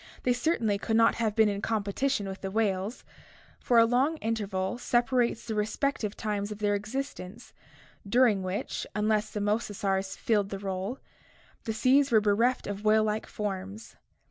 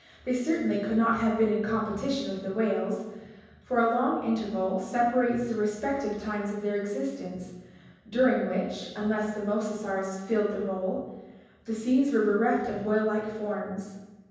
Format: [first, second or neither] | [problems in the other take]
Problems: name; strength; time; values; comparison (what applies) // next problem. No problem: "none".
first | room echo; dies away in 1.1 s